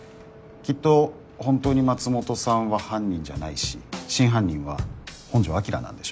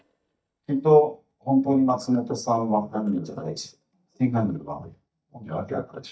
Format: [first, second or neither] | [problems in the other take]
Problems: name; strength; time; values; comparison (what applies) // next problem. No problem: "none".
first | noise reduction (neural mask model DeepFilterNet 3)